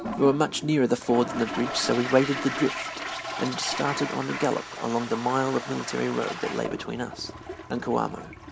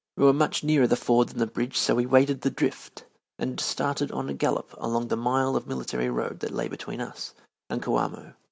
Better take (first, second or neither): second